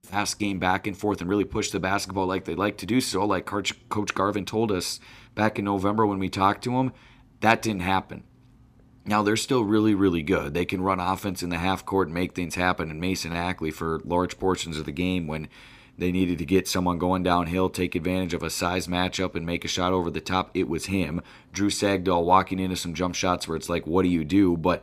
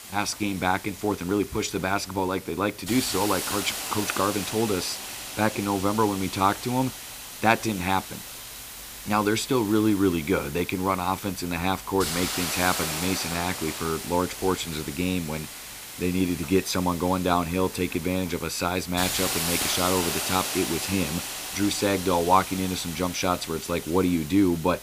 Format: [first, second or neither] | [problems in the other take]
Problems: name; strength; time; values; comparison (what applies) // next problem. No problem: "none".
first | hiss; loud; throughout; 6 dB below the speech